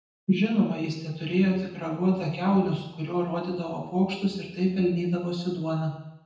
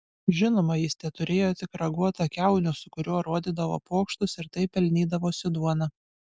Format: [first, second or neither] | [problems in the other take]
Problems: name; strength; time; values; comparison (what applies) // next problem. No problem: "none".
second | room echo; dies away in 0.9 s